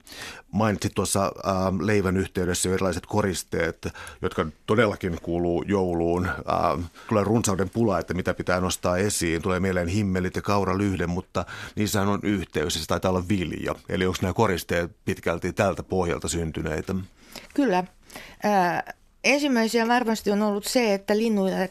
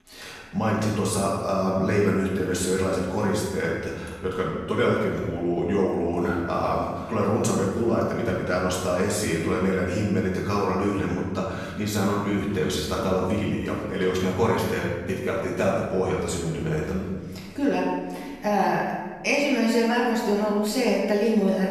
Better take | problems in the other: first | off-mic speech; far // room echo; noticeable; dies away in 1.3 s

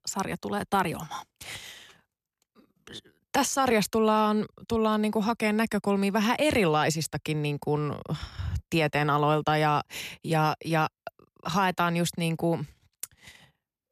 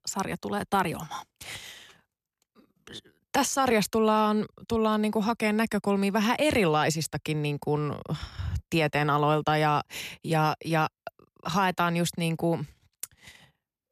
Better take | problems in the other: neither | none

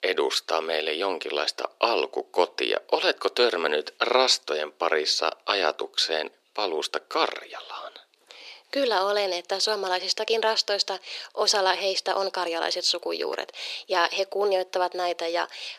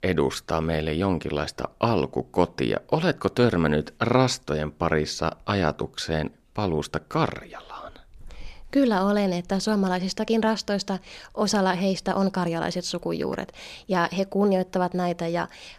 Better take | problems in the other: second | thin; very; fading below 400 Hz

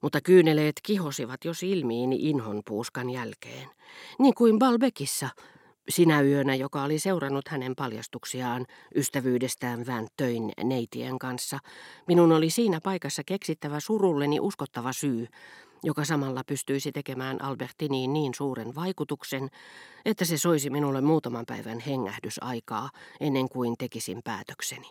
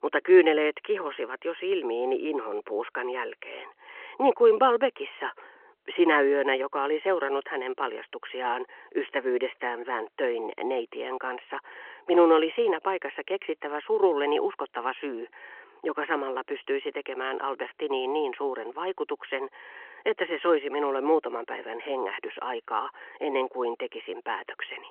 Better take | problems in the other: first | phone-call audio

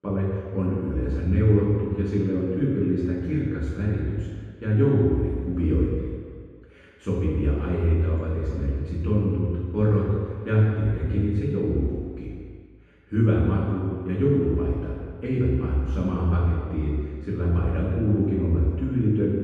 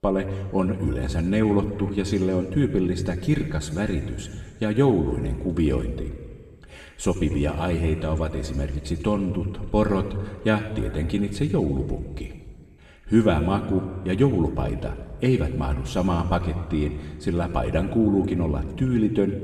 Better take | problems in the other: second | room echo; strong; dies away in 1.8 s; slight in the second // off-mic speech; far; somewhat distant in the second

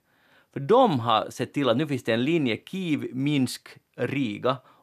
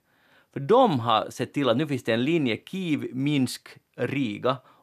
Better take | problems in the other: neither | none

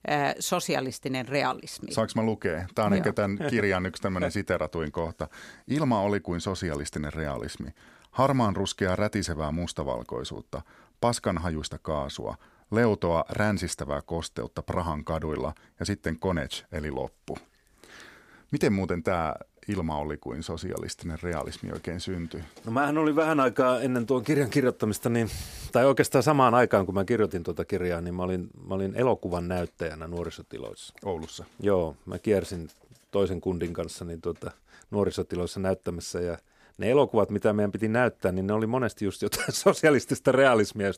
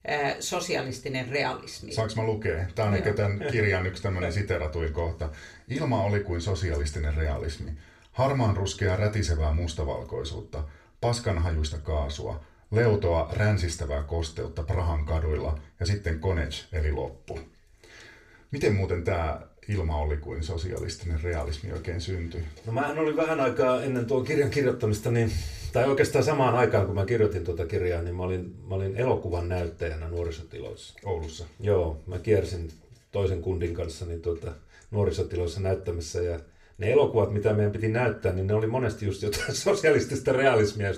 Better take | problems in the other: first | room echo; very slight; dies away in 0.3 s // off-mic speech; far

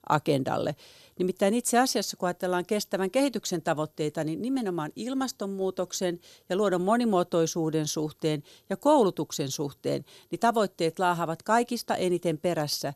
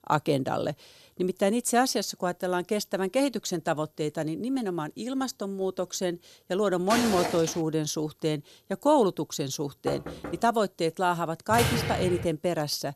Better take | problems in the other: first | footsteps; noticeable; at 7 s; peak level with the speech // door banging; noticeable; at 10 s; peak 10 dB below the speech // door banging; loud; at 12 s; peak 1 dB above the speech

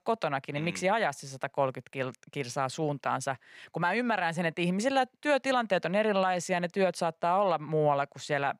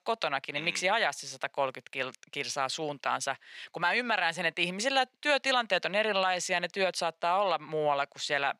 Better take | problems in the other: first | thin; very slightly; fading below 950 Hz

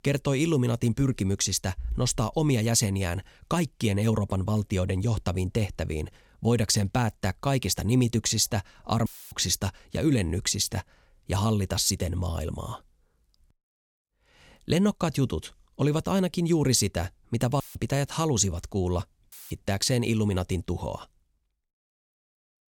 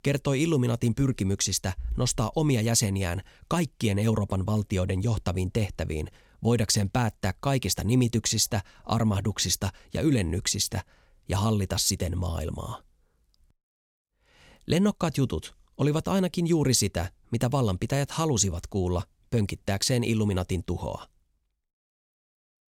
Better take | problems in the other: second | audio cutting out; filled with static; at 9 s, at 18 s and at 19 s

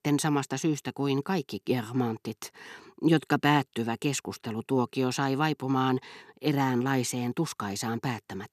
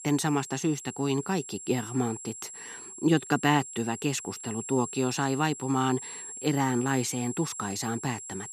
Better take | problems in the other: first | high-pitched whine; noticeable; throughout; 7.5 kHz, 10 dB below the speech

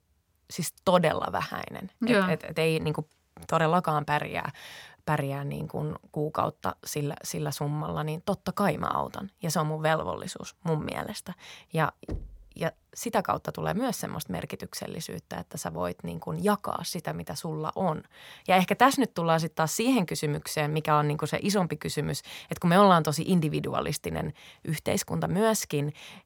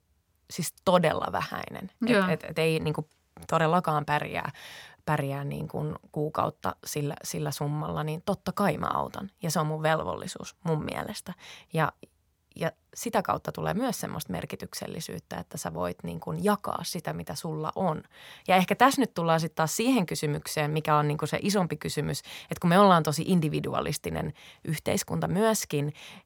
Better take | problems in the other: second | door banging; faint; at 12 s; peak 10 dB below the speech

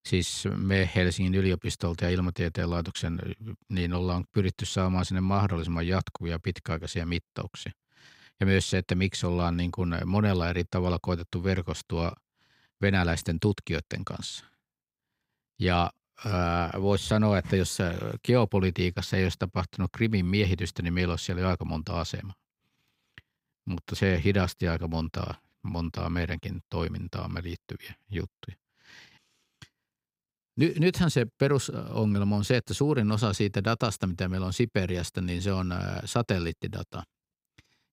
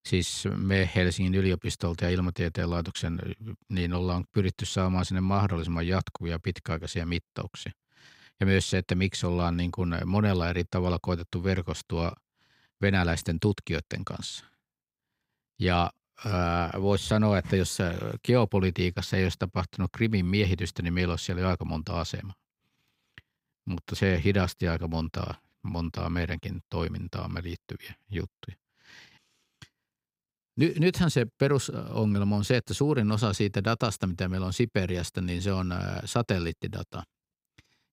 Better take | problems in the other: neither | none

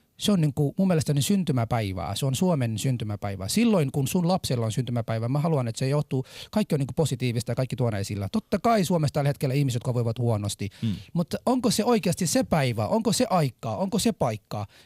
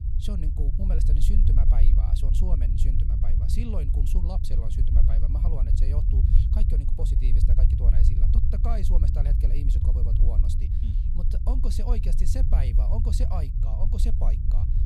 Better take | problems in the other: first | low rumble; loud; throughout; 1 dB below the speech

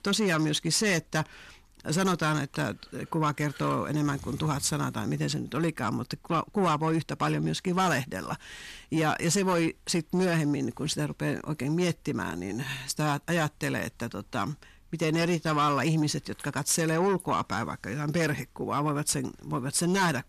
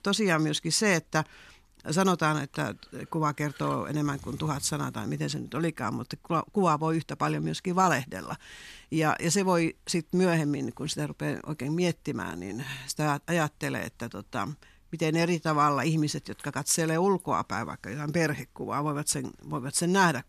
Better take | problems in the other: second | distortion; slight; 10 dB below the speech

